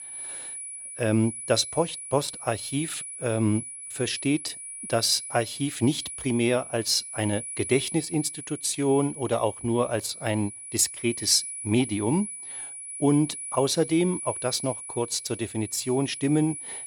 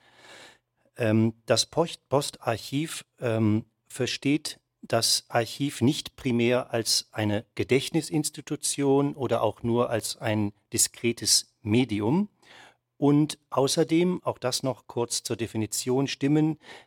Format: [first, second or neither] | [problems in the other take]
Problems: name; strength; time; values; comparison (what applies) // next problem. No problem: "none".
second | high-pitched whine; loud; throughout; 10 kHz, 9 dB below the speech